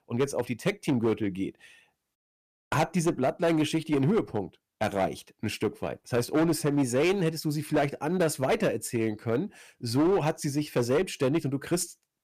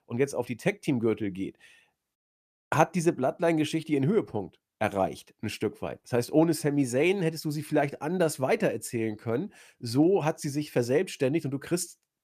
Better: second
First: distortion; slight; 8% of the sound clipped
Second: none

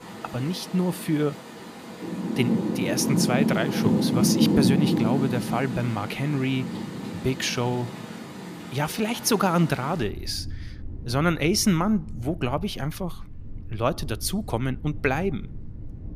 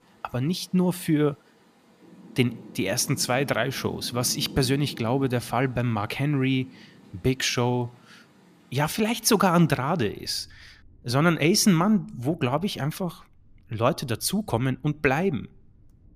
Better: second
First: rain or running water; loud; throughout; 2 dB below the speech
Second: rain or running water; faint; throughout; 20 dB below the speech

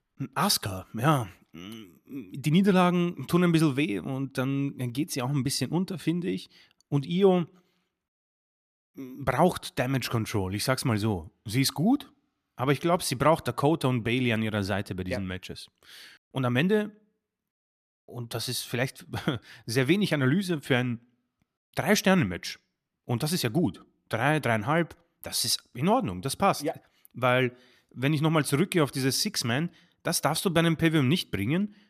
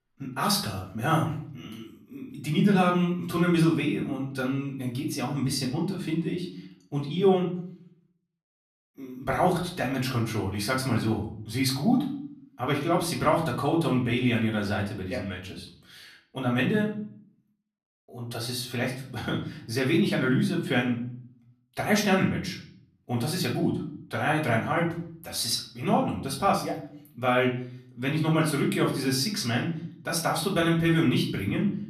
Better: first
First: none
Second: off-mic speech; far // room echo; slight; dies away in 0.5 s

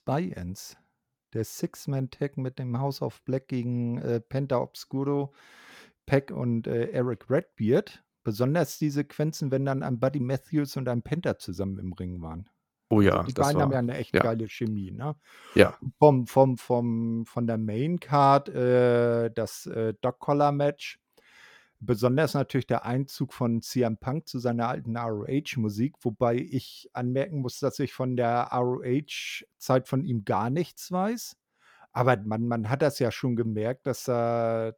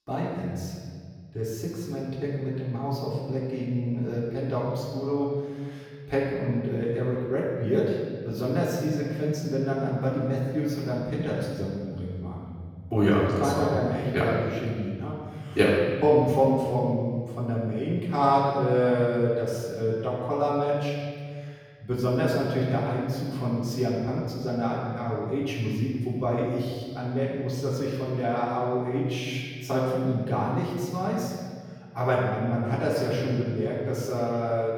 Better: first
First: none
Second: room echo; noticeable; dies away in 1.9 s // off-mic speech; far

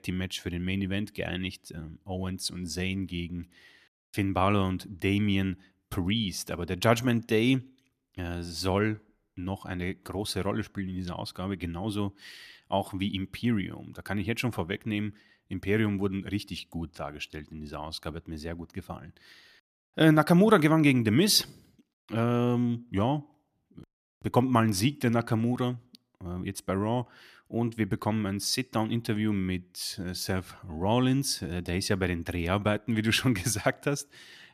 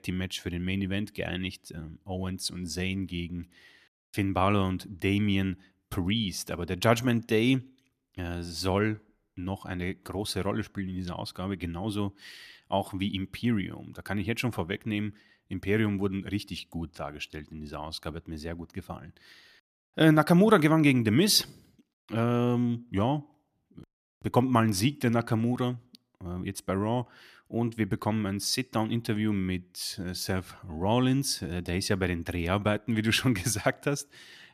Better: neither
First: none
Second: none

